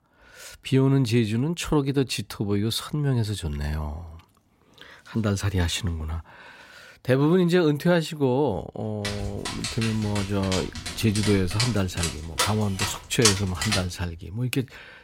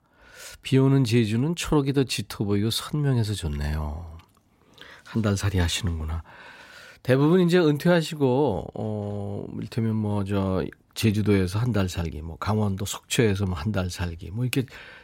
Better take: second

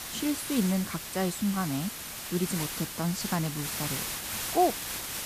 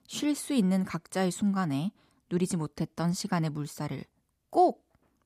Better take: second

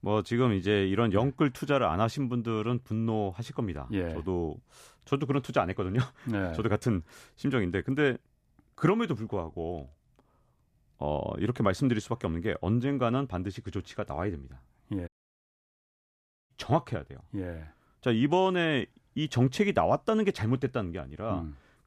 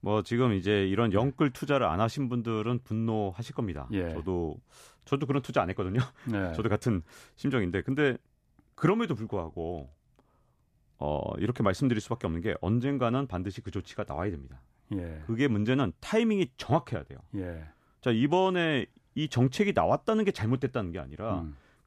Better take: second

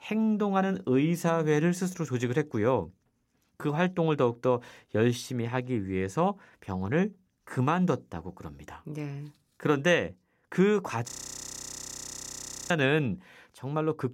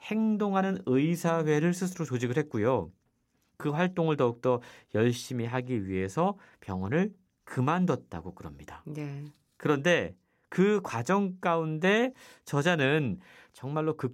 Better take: second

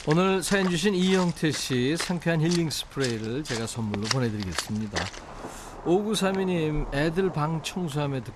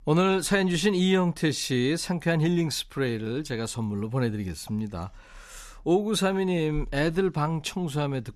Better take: second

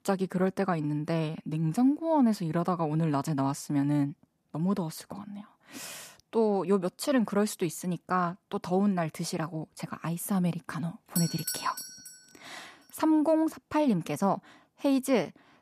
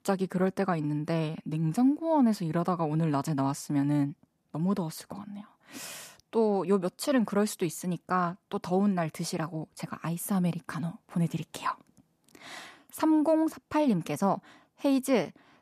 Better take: second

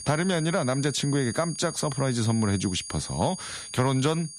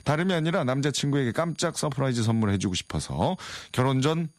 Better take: second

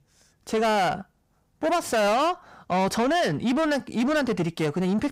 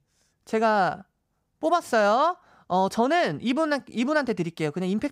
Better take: second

